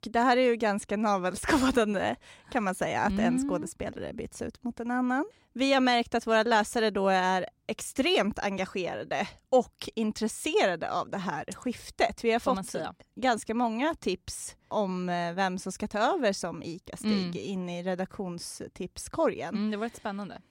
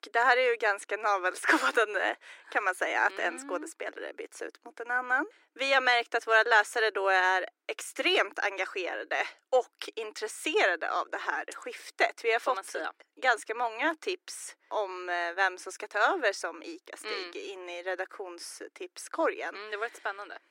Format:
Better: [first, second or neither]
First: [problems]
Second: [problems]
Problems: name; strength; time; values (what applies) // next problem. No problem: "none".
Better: first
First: none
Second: thin; very; fading below 300 Hz